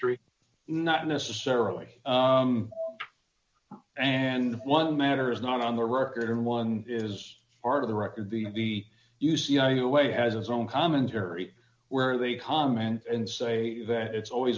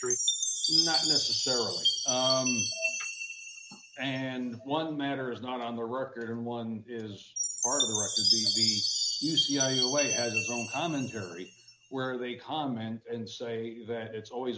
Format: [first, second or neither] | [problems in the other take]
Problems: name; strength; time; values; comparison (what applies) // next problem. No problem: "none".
first | background sound (Chime); 2 dB above the speech